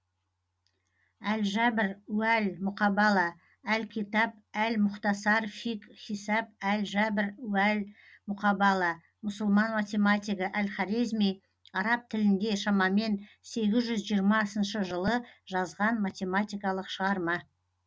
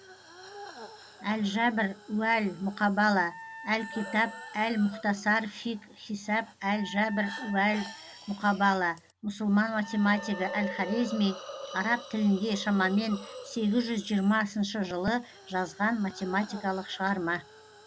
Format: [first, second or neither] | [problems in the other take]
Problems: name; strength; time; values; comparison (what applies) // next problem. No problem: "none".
first | background sound (Hiss + Wind instrument, woodwind instrument); 15 dB below the speech